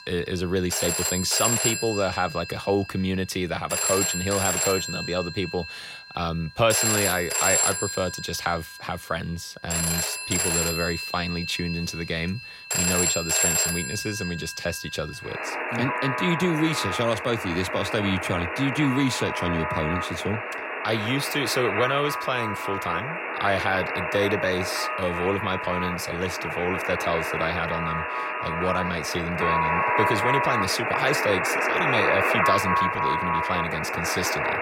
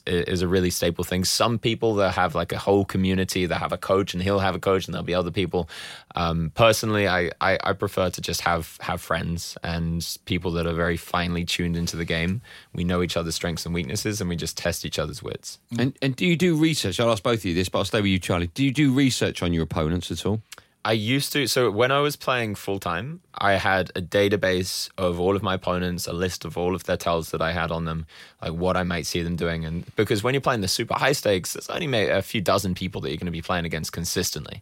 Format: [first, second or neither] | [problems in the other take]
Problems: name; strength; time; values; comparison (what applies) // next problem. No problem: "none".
second | alarms or sirens; very loud; throughout; 2 dB above the speech